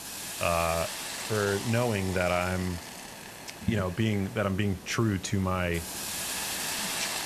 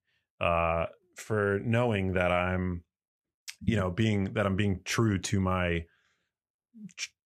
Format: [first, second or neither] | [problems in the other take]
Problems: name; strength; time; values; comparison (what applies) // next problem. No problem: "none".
second | hiss; loud; throughout; 6 dB below the speech